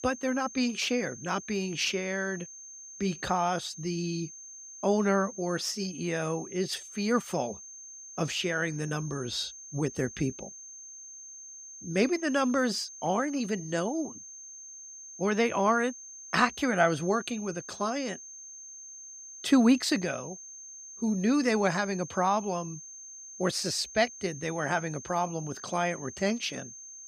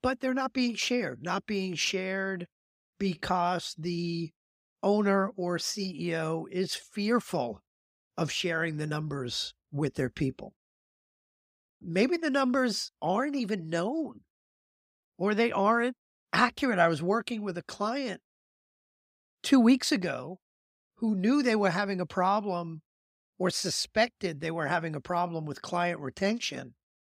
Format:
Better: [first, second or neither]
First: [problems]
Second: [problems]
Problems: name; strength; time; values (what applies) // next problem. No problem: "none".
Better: second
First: high-pitched whine; noticeable; throughout; 6.5 kHz, 15 dB below the speech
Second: none